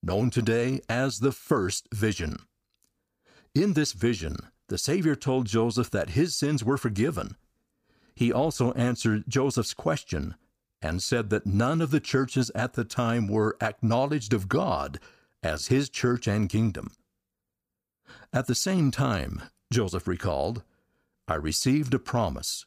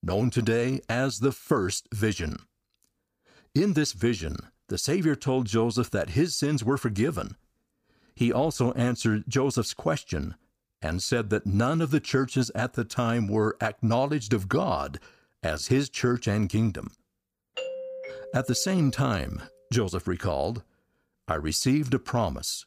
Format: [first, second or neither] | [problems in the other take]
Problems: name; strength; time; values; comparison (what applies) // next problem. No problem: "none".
first | doorbell; noticeable; from 18 to 19 s; peak 8 dB below the speech